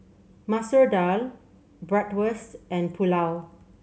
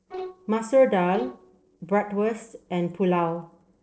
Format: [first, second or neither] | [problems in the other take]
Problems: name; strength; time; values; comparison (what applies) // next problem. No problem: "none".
first | noise reduction (neural separator model SepFormer DNS4)